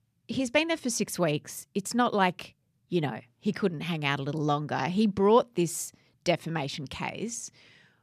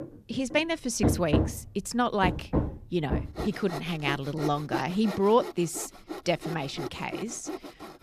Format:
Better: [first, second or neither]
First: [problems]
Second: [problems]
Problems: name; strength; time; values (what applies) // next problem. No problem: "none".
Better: first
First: none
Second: machinery noise; loud; throughout; 5 dB below the speech